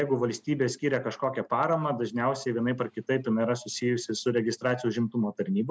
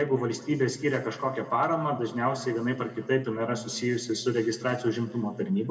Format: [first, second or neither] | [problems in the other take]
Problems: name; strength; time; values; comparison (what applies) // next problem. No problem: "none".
first | room echo; dies away in 1.5 s